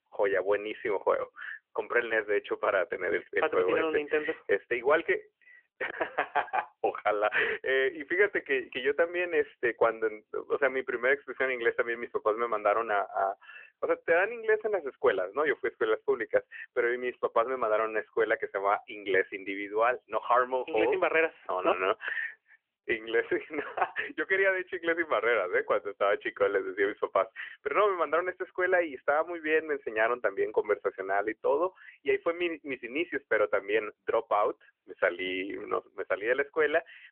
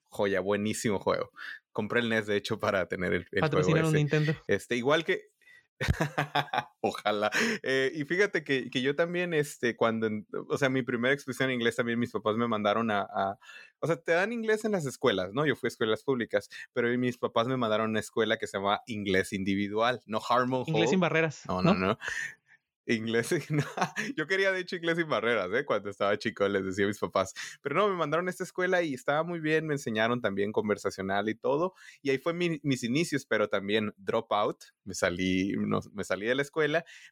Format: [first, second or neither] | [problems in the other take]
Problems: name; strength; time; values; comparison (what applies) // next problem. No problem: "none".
second | phone-call audio; nothing above 3 kHz